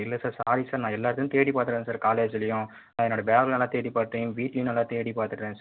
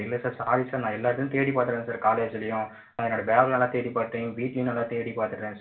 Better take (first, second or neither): first